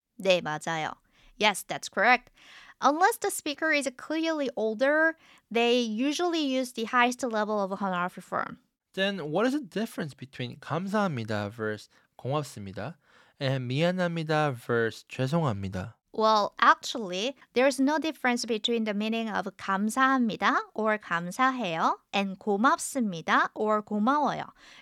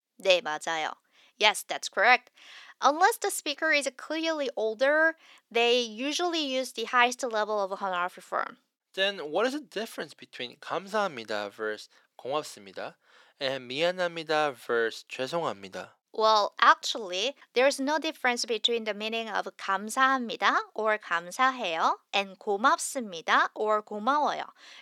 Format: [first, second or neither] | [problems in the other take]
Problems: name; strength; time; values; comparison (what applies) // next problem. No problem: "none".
first | thin; somewhat; fading below 450 Hz